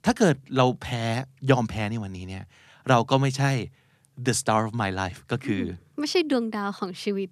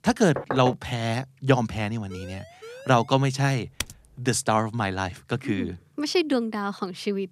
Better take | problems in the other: first | door banging; noticeable; at 0.5 s; peak 6 dB below the speech // siren; faint; from 2 to 3 s; peak 15 dB below the speech // keyboard typing; noticeable; at 4 s; peak 8 dB below the speech

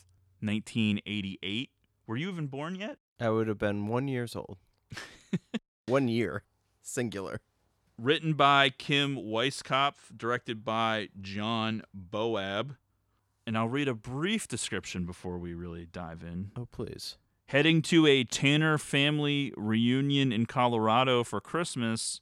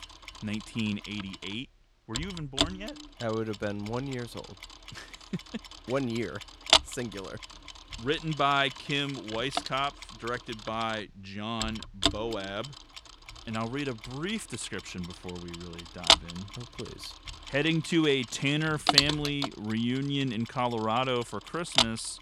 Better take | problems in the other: first | machinery noise; very loud; throughout; 5 dB above the speech

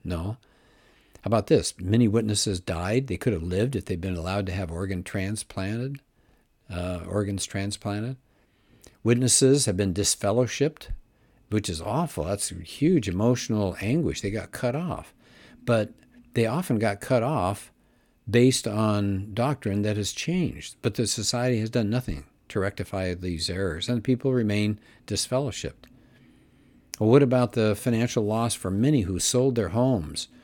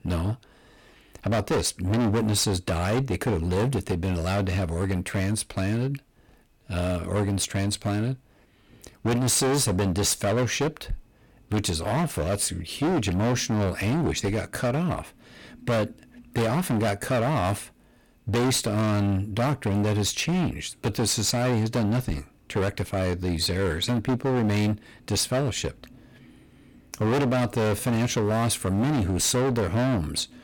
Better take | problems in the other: first | distortion; heavy; 20% of the sound clipped

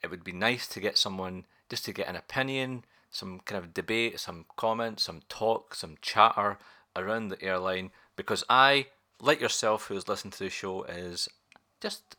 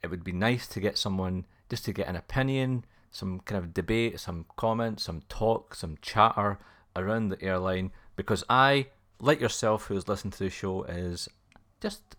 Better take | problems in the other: second | thin; somewhat; fading below 550 Hz

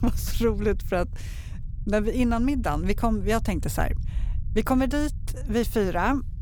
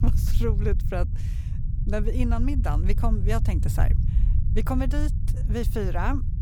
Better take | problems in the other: first | low rumble; loud; throughout; 10 dB below the speech; faint in the first

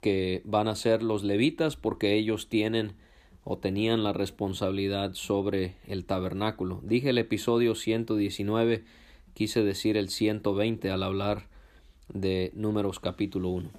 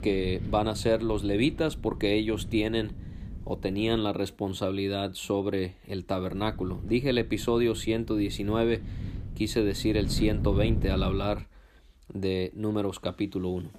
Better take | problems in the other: first | wind noise on the microphone; occasional gusts; until 4 s and from 6.5 to 11 s; 15 dB below the speech

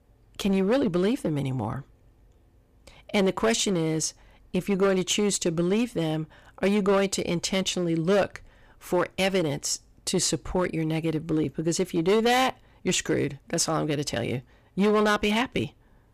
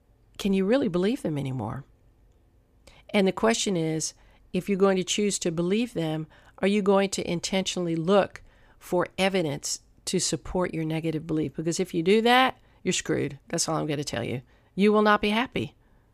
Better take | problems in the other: second | distortion; slight; 6% of the sound clipped

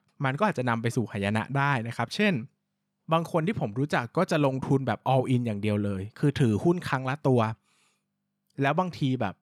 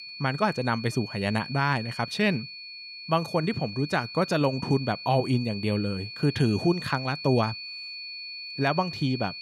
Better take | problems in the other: first | high-pitched whine; noticeable; throughout; 4.5 kHz, 10 dB below the speech

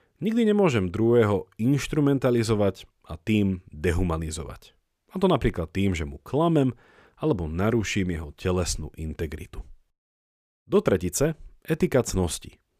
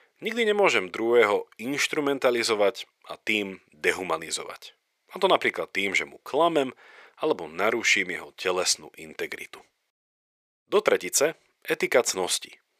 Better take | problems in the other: first | thin; very; fading below 550 Hz

